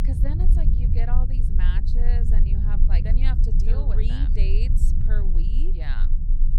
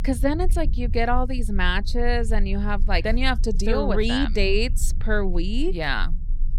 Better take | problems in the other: second | low rumble; loud; throughout; 2 dB below the speech; faint in the second

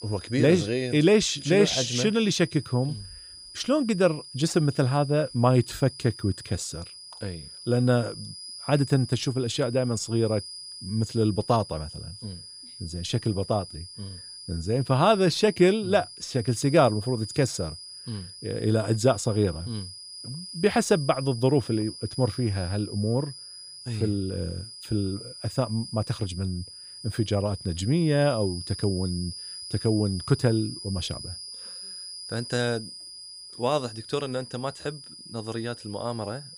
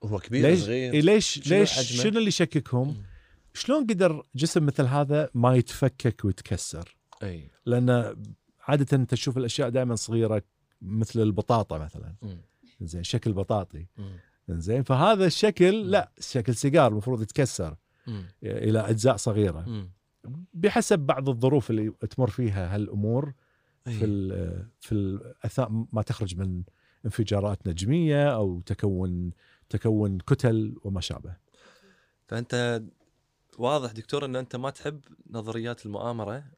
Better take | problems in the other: second | high-pitched whine; noticeable; throughout; 5 kHz, 15 dB below the speech

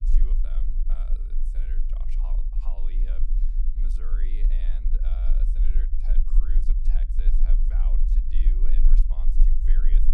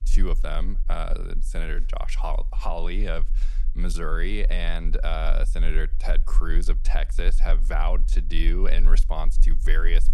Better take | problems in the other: second | low rumble; loud; throughout; 1 dB below the speech; faint in the second

